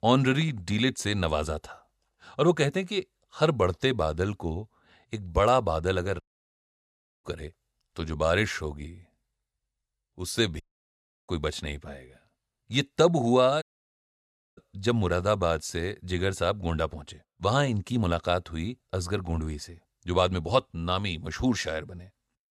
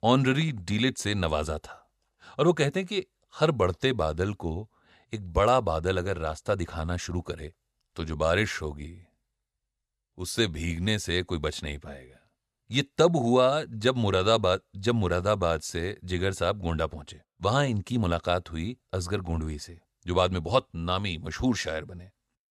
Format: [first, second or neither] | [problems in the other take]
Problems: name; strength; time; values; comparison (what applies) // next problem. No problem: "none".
second | audio cutting out; at 6 s for 1 s, at 11 s for 0.5 s and at 14 s for 1 s